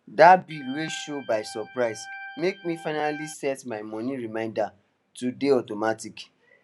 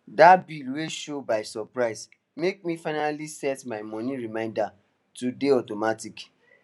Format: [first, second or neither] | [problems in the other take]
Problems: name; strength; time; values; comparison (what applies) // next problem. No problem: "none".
second | background sound (Organ); 16 dB below the speech